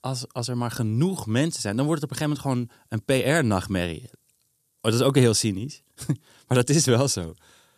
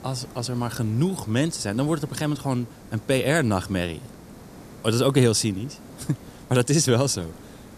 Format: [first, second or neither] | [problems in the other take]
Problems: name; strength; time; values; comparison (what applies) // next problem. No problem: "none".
first | hiss; noticeable; throughout; 20 dB below the speech